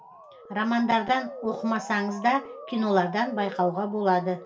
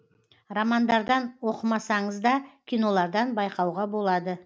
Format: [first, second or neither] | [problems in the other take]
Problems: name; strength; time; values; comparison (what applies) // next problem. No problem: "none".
second | background sound (Motor vehicle (road) / Siren); 14 dB below the speech // room echo; dies away in 0.2 s